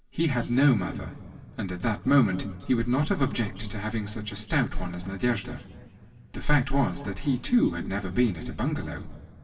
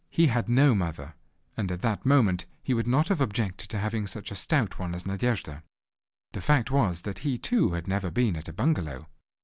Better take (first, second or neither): second